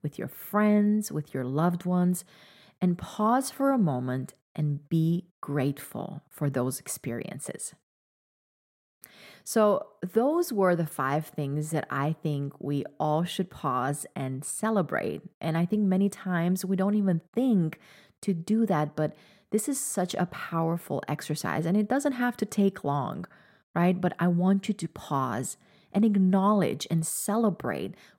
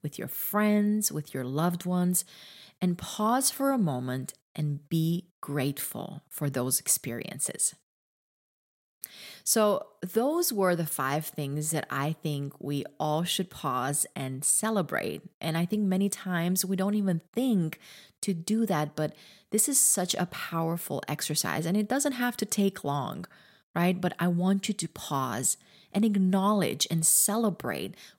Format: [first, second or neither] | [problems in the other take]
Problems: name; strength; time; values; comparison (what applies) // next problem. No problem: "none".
second | muffled; slightly; fading above 2.5 kHz